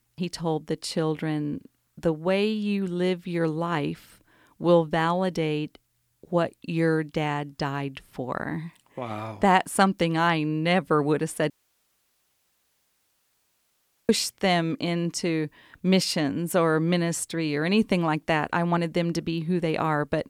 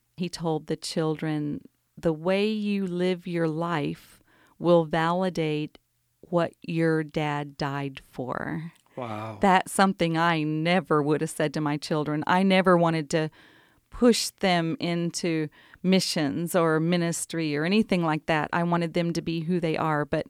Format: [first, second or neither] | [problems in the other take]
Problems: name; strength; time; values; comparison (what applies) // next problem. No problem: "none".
second | audio cutting out; at 12 s for 2.5 s